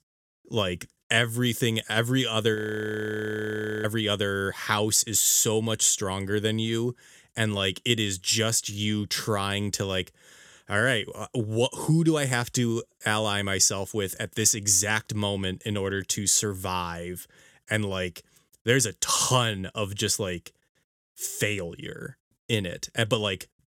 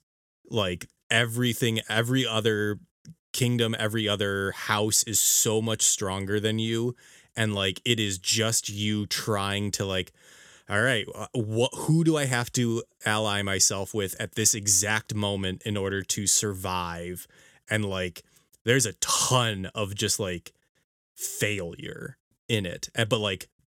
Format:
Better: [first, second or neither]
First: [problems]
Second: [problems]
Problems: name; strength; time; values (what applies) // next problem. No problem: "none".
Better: second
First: audio freezing; at 2.5 s for 1.5 s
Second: none